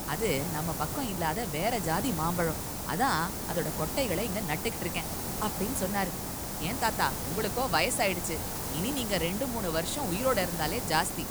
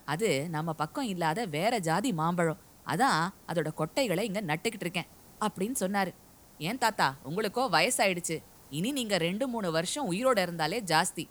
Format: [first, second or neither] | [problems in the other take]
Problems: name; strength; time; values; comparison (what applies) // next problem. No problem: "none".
second | hiss; loud; throughout; 3 dB below the speech; faint in the second